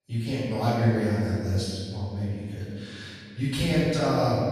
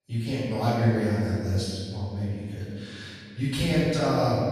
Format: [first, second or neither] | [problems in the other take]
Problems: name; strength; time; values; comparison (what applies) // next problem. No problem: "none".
neither | off-mic speech; far; the same in both // room echo; strong; dies away in 2.1 s; the same in both